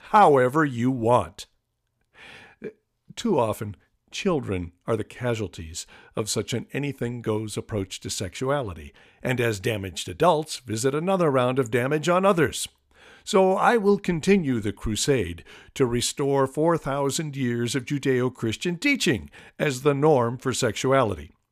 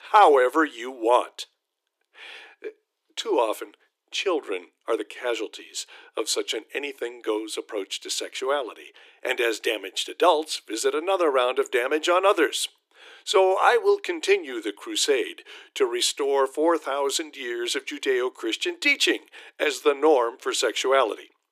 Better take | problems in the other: first | thin; very; fading below 300 Hz

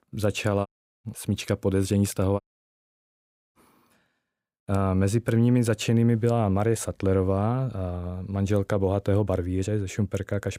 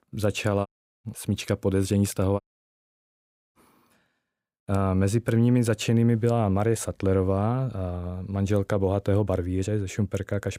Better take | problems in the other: neither | audio cutting out; at 0.5 s and at 2.5 s for 1 s; the same in both

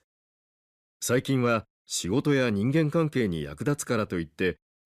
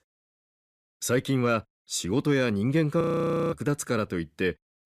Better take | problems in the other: first | audio freezing; at 3 s for 0.5 s

